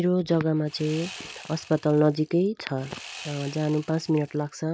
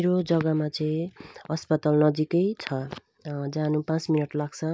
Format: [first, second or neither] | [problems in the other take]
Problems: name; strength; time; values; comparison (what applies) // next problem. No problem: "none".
second | background sound (Sawing); 18 dB below the speech